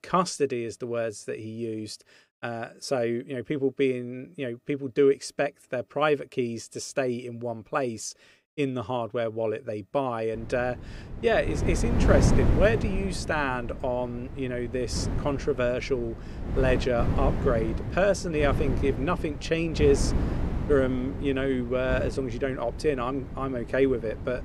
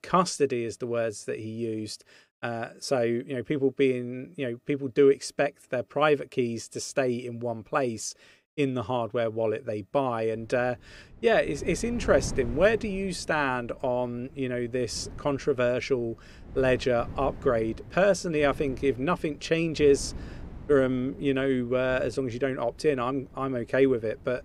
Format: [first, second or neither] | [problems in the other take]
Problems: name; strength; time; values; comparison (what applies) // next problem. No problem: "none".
second | wind noise on the microphone; heavy; from 10 s on; 10 dB below the speech; occasional gusts in the second